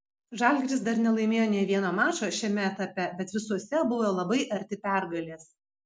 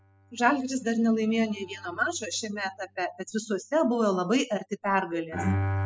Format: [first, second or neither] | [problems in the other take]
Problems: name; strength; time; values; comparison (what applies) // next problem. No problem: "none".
first | noise reduction (classical method spectral subtraction)